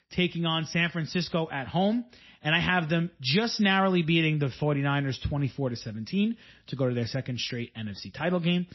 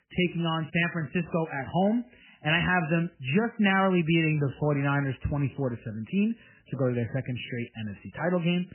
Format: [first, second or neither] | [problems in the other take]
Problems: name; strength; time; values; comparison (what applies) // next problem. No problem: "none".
first | garbled, watery; badly; nothing above 3 kHz; slightly in the first